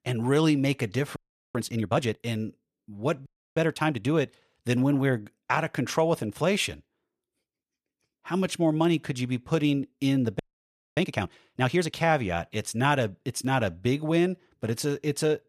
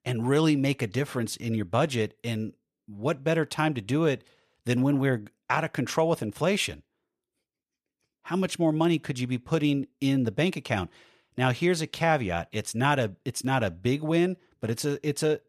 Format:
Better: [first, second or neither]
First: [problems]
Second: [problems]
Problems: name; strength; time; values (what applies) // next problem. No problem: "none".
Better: second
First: audio freezing; at 1 s, at 3.5 s and at 10 s for 0.5 s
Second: none